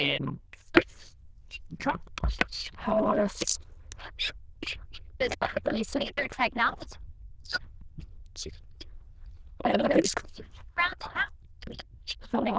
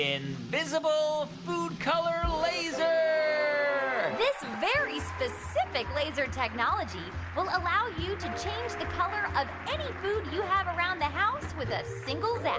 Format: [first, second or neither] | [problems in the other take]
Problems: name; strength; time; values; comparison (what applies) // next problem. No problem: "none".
second | noise reduction (neural diffusion model UNIVERSE++)